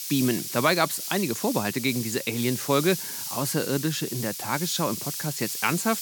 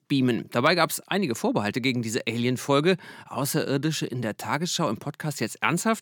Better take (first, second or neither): second